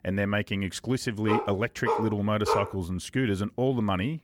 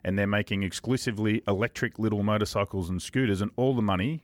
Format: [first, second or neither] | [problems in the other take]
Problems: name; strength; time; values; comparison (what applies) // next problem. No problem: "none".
second | dog barking; noticeable; from 1.5 to 2.5 s; peak 1 dB below the speech